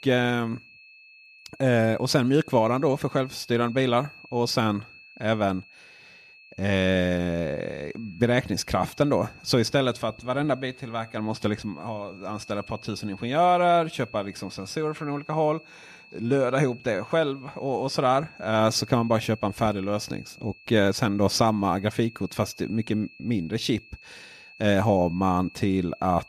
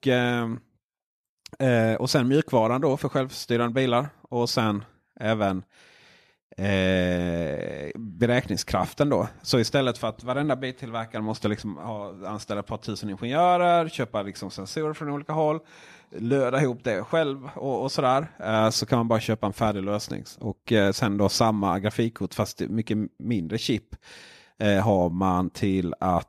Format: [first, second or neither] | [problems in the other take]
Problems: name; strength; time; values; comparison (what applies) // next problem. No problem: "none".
second | high-pitched whine; faint; throughout; 2.5 kHz, 20 dB below the speech